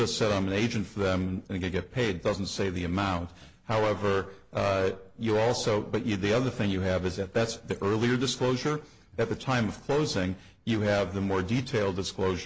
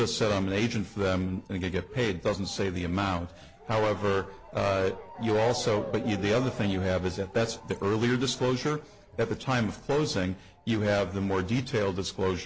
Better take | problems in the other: first | background sound (Motor vehicle (road) / Siren); 18 dB below the speech

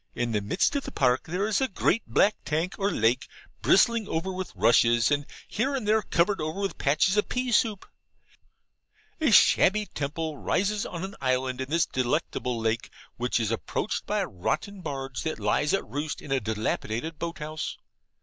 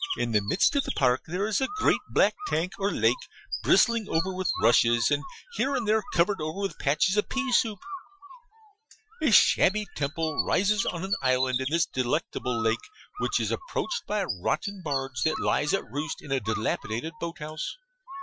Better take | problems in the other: first | noise reduction (classical method Wiener filter)

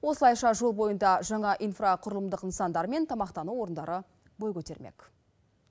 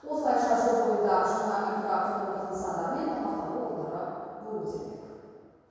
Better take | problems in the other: first | room echo; dies away in 2.2 s

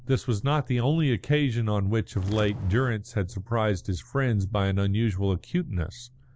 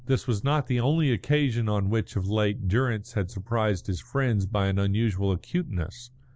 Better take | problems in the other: second | background sound (Walk, footsteps); 15 dB below the speech

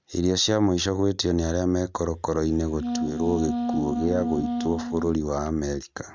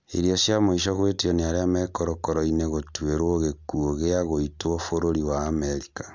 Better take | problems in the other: second | noise reduction (neural mask model RNNoise)

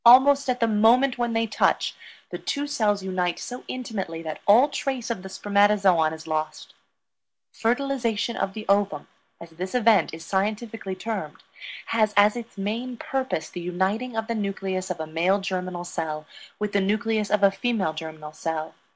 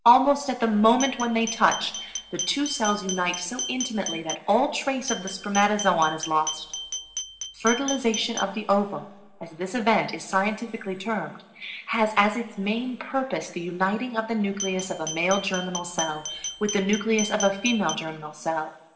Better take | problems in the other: first | background sound (Glass); 9 dB below the speech // room echo; dies away in 1.1 s

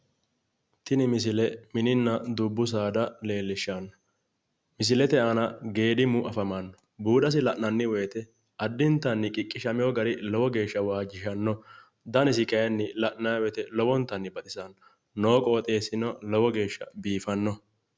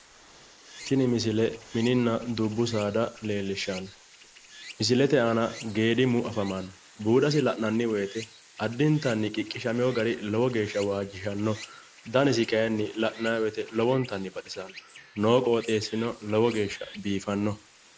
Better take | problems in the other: first | noise reduction (neural mask model Resemble Enhance denoiser)

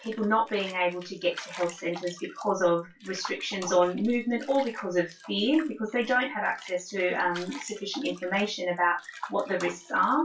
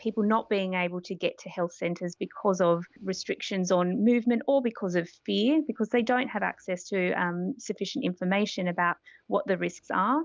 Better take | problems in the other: second | noise reduction (classical method WPE with log-MMSE)

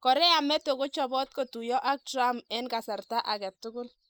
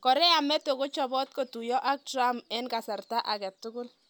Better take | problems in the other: second | noise reduction (neural mask model Resemble Enhance denoiser)

